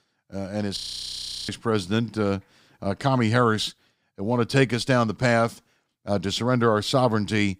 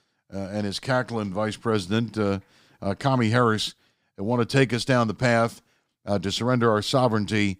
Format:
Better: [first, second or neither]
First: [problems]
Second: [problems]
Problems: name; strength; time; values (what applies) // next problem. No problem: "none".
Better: second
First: audio freezing; at 1 s for 0.5 s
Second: none